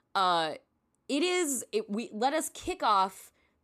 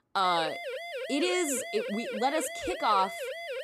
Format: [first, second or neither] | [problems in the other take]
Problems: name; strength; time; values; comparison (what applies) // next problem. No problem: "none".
first | siren; noticeable; peak 6 dB below the speech